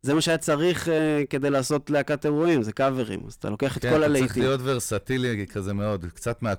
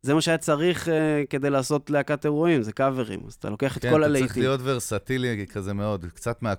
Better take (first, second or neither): second